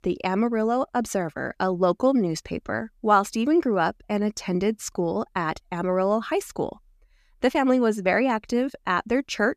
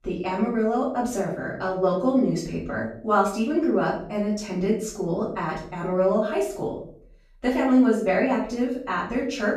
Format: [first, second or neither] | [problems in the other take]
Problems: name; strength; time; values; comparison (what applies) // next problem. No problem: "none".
first | off-mic speech; far // room echo; noticeable; dies away in 0.5 s